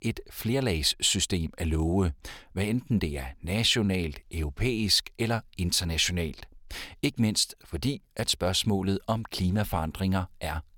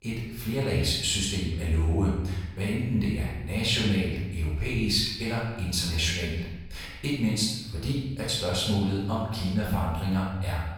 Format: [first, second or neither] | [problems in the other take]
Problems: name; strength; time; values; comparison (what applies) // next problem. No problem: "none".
first | off-mic speech; far // room echo; noticeable; dies away in 1 s